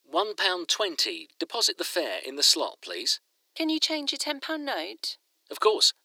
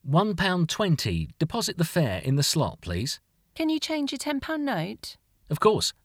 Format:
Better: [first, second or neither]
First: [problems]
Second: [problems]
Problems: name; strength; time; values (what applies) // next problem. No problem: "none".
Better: second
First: thin; very; fading below 300 Hz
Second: none